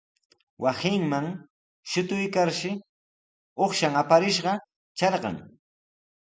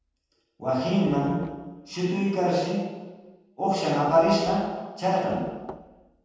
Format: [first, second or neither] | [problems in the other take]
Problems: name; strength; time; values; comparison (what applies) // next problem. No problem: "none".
first | noise reduction (neural separator model SepFormer DNS4)